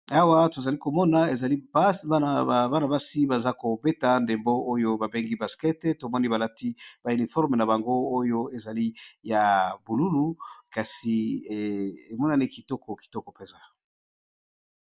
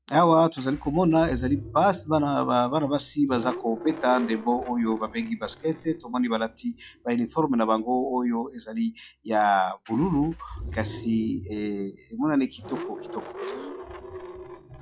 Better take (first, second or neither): first